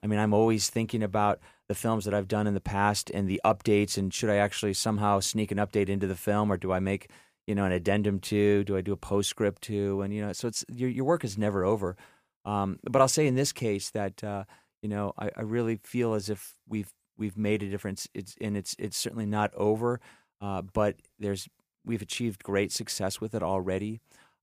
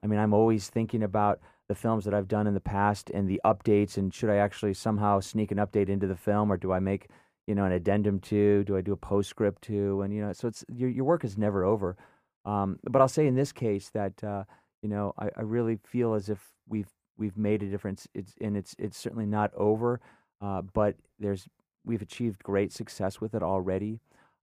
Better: first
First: none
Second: muffled; slightly; fading above 2 kHz

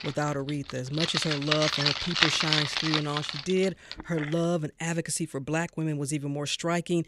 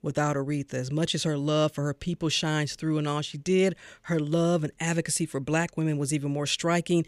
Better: second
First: household noises; very loud; until 4.5 s; 3 dB above the speech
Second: none

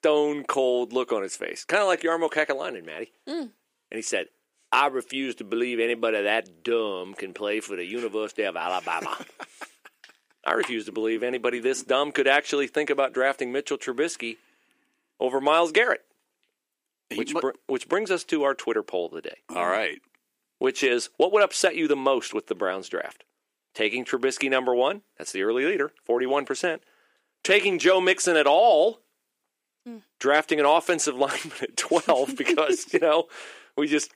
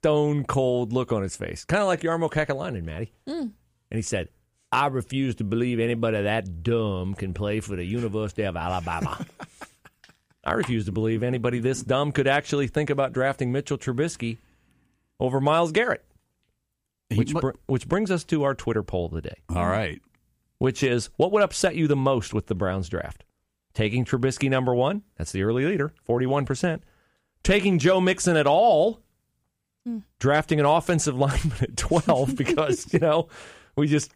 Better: second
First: thin; somewhat; fading below 300 Hz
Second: none

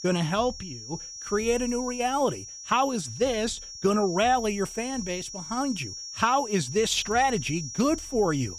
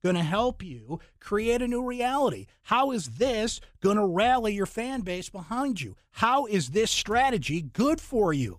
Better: second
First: high-pitched whine; loud; throughout; 5.5 kHz, 10 dB below the speech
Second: none

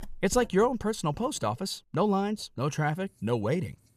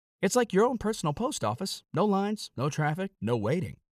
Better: second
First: household noises; faint; throughout; 25 dB below the speech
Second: none

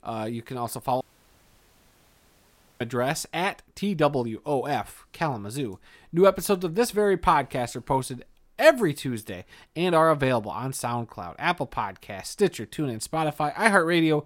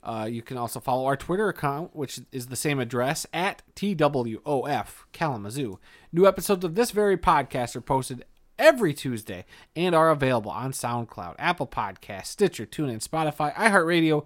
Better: second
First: audio cutting out; at 1 s for 2 s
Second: none

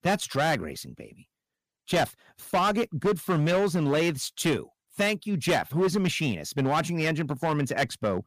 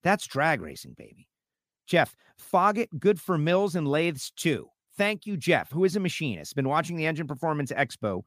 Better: second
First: distortion; heavy; 10% of the sound clipped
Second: none

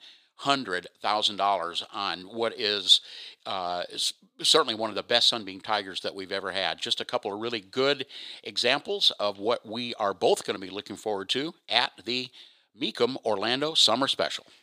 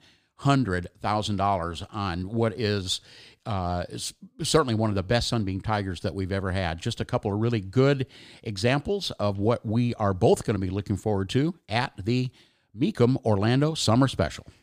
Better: second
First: thin; somewhat; fading below 450 Hz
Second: none

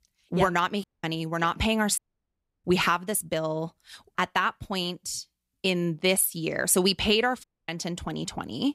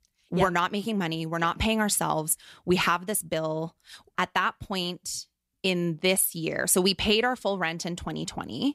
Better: second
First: audio cutting out; at 1 s, at 2 s for 0.5 s and at 7.5 s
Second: none

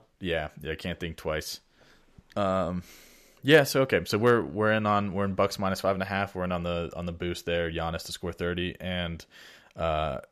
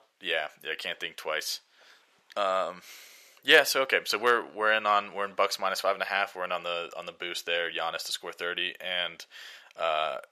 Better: first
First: none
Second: thin; very; fading below 650 Hz

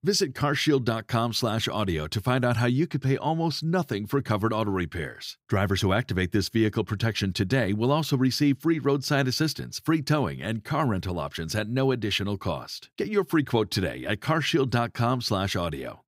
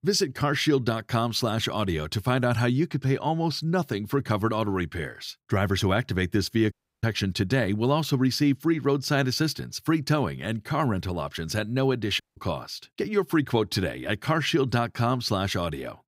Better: first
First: none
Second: audio cutting out; at 6.5 s and at 12 s

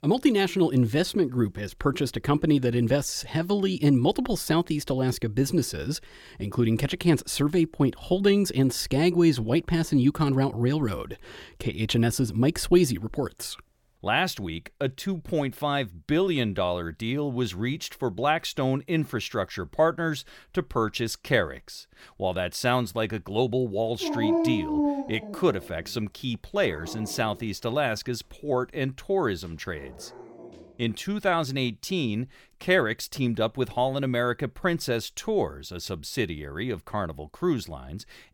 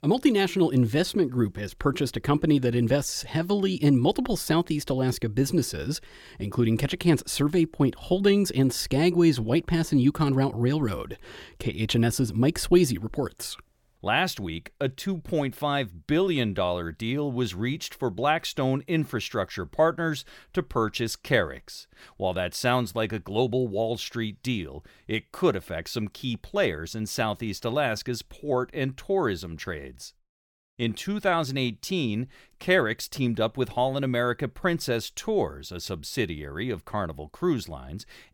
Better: second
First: dog barking; loud; from 24 to 30 s; peak 2 dB above the speech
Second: none

